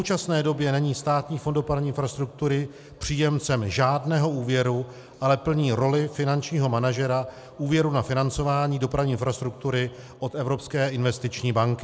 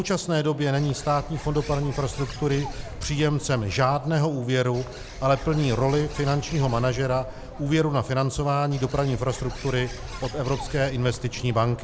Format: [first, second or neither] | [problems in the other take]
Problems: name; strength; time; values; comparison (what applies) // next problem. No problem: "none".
first | background sound (Bird); 12 dB below the speech